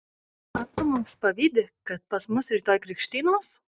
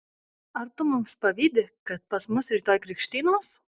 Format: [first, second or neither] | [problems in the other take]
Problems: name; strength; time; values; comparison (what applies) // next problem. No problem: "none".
second | noise reduction (neural mask model RNNoise)